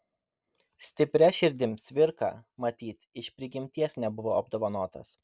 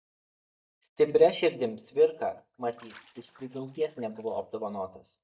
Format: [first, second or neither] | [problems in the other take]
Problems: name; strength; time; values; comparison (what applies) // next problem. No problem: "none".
first | noise reduction (neural mask model DeepFilterNet 3)